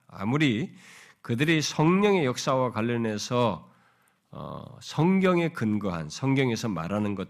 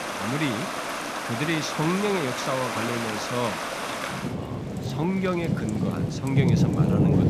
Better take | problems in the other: first | rain or running water; very loud; throughout; 1 dB above the speech

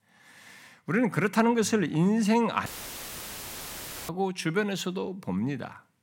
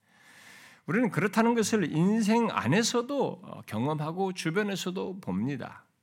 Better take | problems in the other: second | audio cutting out; filled with static; at 2.5 s for 1.5 s

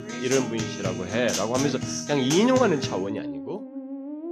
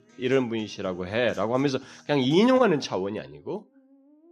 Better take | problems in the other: second | background music; loud; throughout; 6 dB below the speech; faint in the second

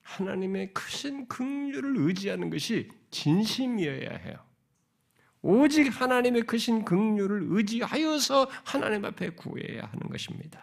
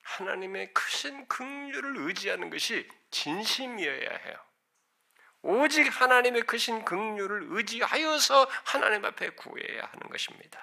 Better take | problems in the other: first | thin; very; fading below 650 Hz

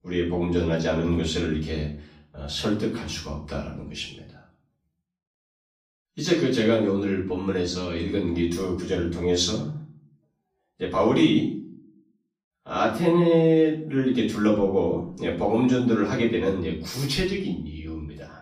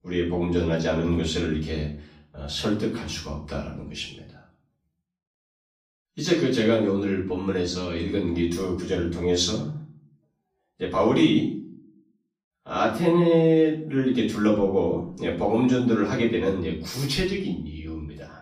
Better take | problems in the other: neither | off-mic speech; far; the same in both // room echo; slight; dies away in 0.4 s; the same in both

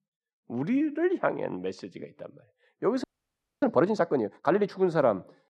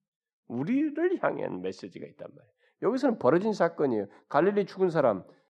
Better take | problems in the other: second | audio freezing; at 3 s for 0.5 s

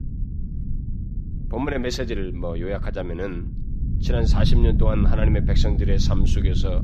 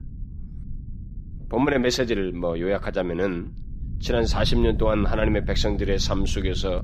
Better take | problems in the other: second | low rumble; loud; throughout; 8 dB below the speech; faint in the second

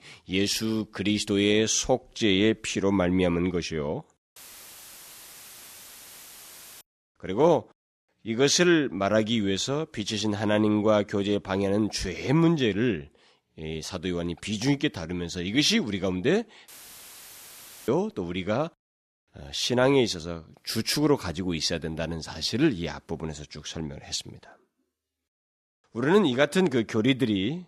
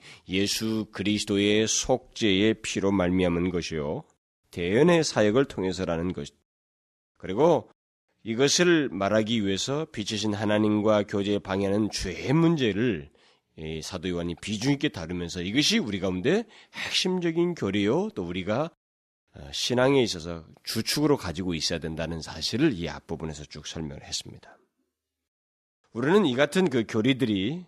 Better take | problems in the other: second | audio cutting out; filled with static; at 4.5 s for 2.5 s and at 17 s for 1 s

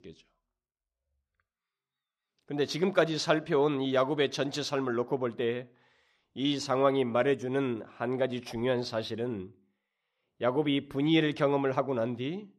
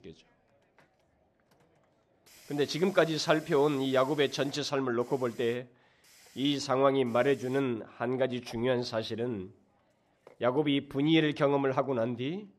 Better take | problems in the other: first | hiss; faint; throughout; 25 dB below the speech

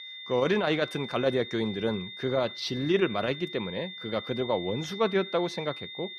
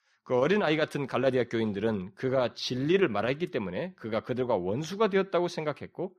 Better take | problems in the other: second | high-pitched whine; noticeable; throughout; 3.5 kHz, 10 dB below the speech

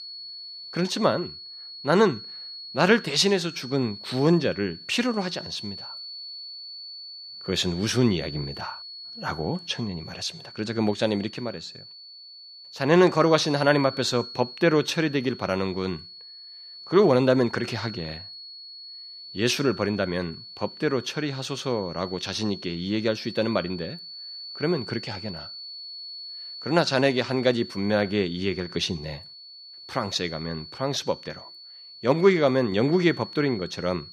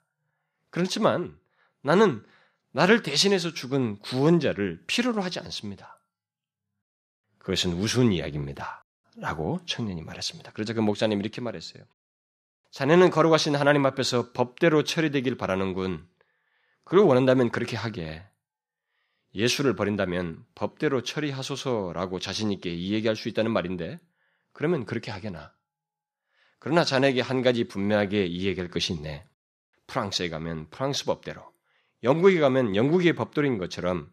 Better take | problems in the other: second | high-pitched whine; noticeable; throughout; 4.5 kHz, 15 dB below the speech

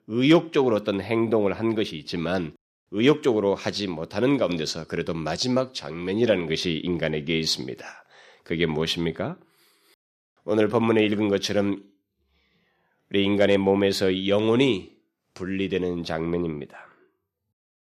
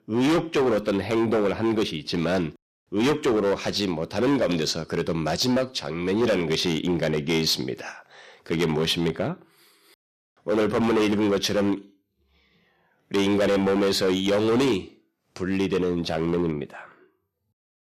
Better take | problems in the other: first | distortion; heavy; 12% of the sound clipped

